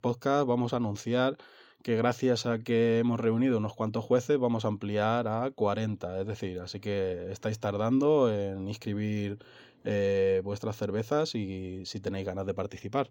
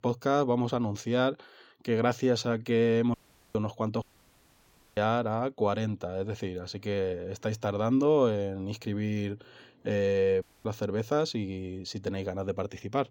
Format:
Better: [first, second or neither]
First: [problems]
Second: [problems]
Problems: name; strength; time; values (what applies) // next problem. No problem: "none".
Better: first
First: none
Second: audio cutting out; at 3 s, at 4 s for 1 s and at 10 s